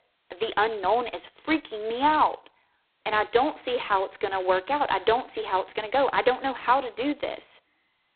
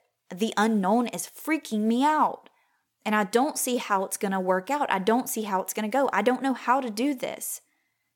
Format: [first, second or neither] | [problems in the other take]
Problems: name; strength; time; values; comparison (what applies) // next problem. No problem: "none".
second | phone-call audio; poor line; nothing above 4 kHz